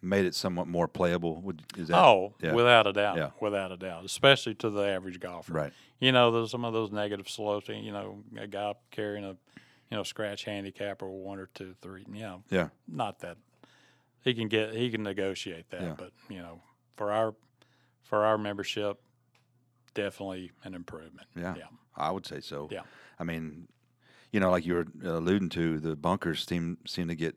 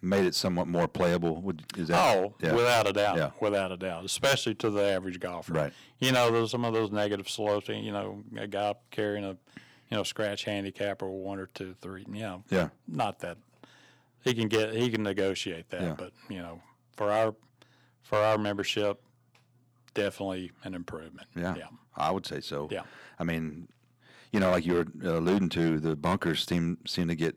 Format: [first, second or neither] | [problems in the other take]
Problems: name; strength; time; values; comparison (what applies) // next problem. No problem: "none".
first | distortion; heavy; 4% of the sound clipped